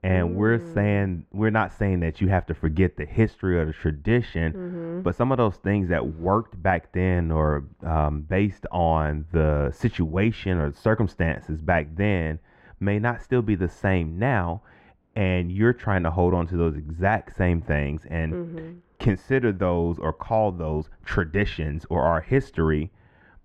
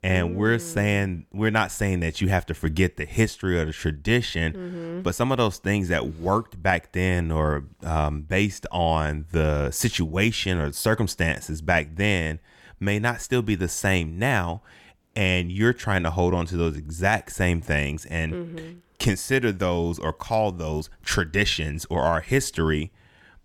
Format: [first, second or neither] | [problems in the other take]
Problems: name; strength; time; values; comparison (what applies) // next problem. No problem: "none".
second | muffled; very; fading above 4 kHz